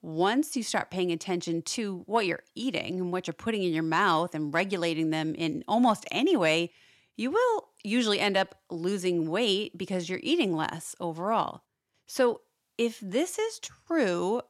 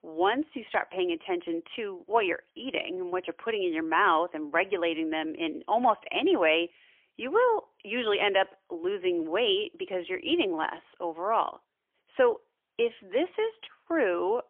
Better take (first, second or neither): first